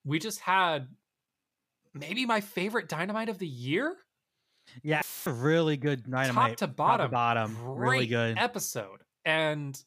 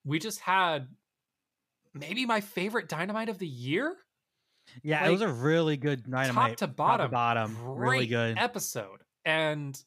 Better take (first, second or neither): second